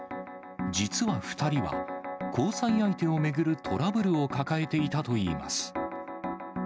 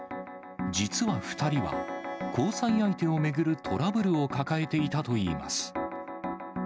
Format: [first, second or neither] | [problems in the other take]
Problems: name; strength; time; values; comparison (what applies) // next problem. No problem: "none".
first | background sound (Bowed string instrument); 19 dB below the speech